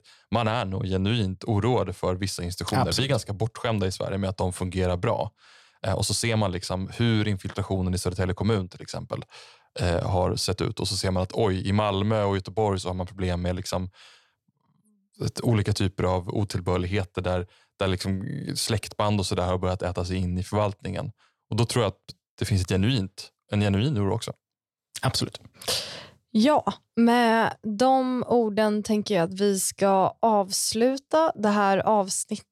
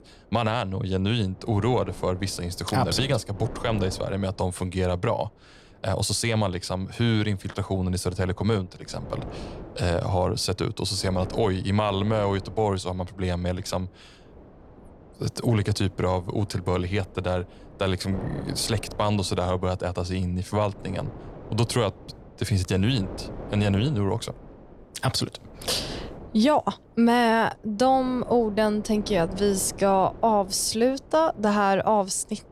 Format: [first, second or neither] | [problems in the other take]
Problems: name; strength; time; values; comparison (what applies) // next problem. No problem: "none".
first | wind noise on the microphone; occasional gusts; 20 dB below the speech